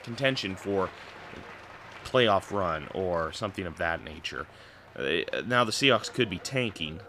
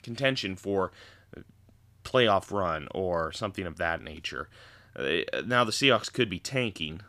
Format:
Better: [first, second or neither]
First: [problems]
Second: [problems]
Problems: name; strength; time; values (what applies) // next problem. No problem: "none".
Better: second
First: crowd noise; noticeable; throughout; 20 dB below the speech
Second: none